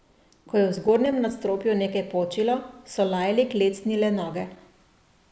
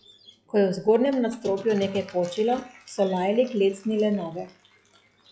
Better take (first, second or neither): first